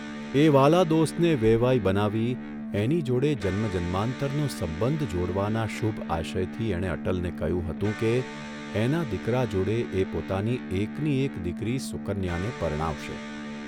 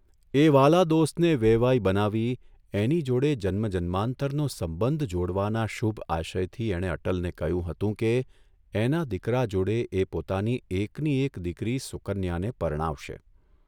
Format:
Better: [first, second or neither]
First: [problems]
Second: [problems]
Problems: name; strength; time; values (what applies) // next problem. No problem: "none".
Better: second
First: background sound (Electric guitar); 10 dB below the speech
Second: none